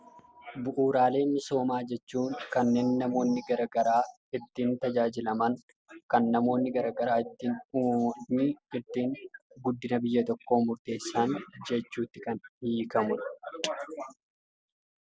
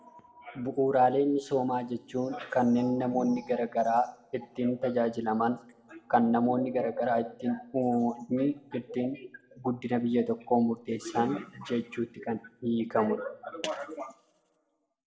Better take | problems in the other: first | room echo; dies away in 1.2 s

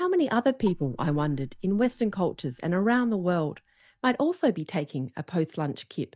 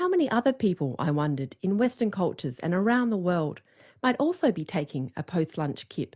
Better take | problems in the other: second | noise reduction (neural mask model DeepFilterNet 3)

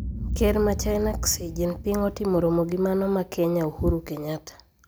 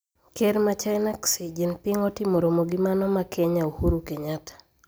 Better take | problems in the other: second | background sound (Boom); 9 dB below the speech

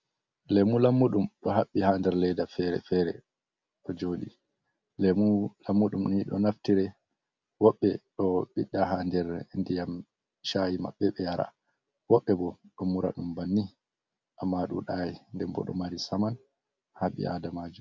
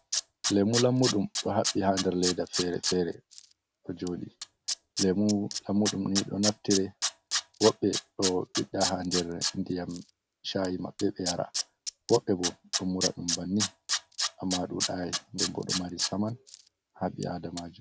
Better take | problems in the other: first | background sound (Tools); 5 dB below the speech

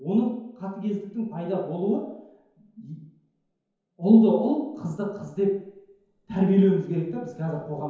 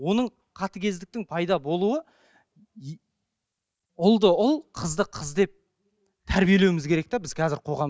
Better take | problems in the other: second | room echo; dies away in 0.9 s

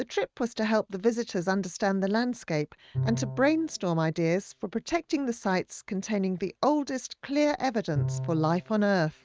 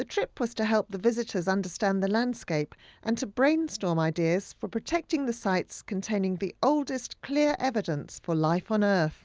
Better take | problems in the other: second | noise reduction (neural mask model RNNoise)

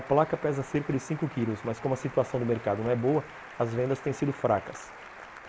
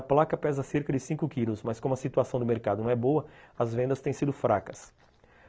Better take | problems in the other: second | background sound (Applause); 16 dB below the speech

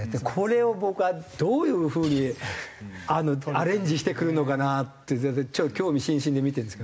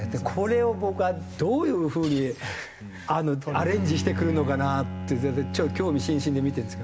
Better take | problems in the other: first | background sound (Bowed string instrument); 8 dB below the speech

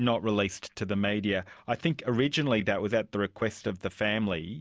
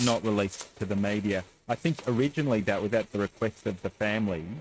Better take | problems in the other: first | noise reduction (neural mask model RNNoise)

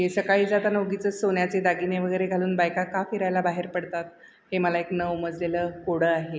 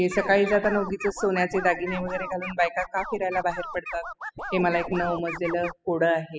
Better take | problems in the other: first | noise reduction (classical method spectral subtraction)

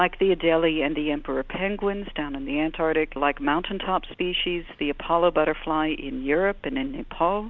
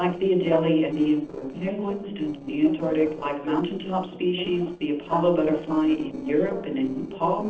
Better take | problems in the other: first | noise reduction (neural separator model SepFormer DNS4)

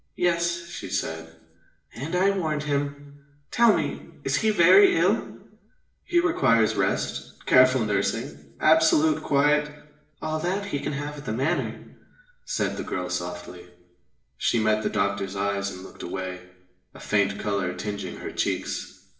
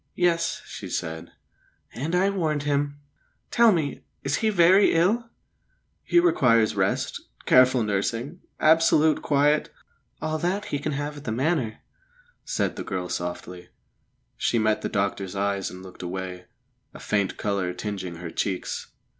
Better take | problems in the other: second | room echo; dies away in 0.7 s

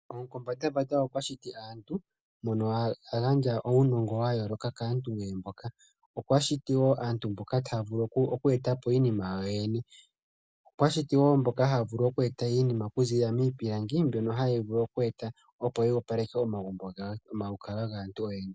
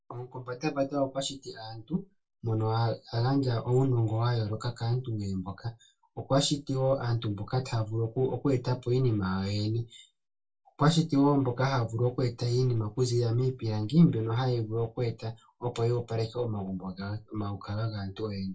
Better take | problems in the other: first | room echo; dies away in 0.1 s

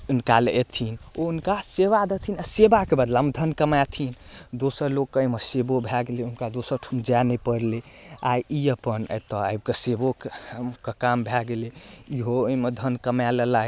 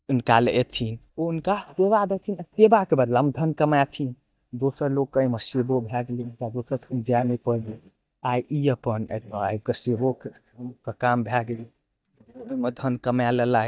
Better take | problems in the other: first | noise reduction (neural mask model DeepFilterNet 3)

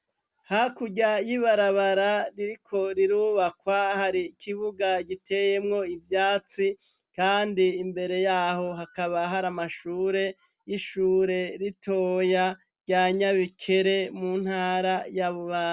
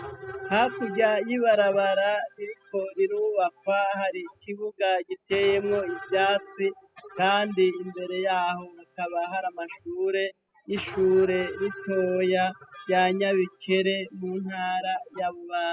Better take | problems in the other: first | noise reduction (classical method spectral subtraction)

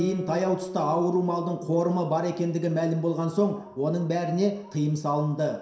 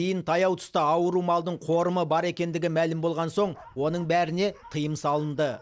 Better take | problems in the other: second | background sound (Guitar); 16 dB below the speech // room echo; dies away in 0.7 s

